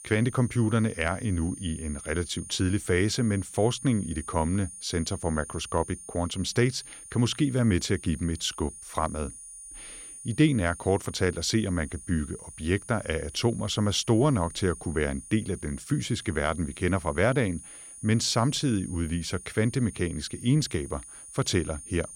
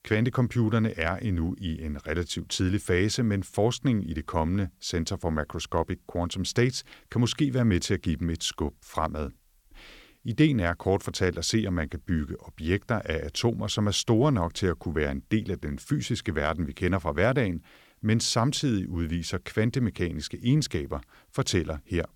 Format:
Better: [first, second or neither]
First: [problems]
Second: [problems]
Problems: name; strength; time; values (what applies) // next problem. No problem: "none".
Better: second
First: high-pitched whine; noticeable; throughout; 9 kHz, 15 dB below the speech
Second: none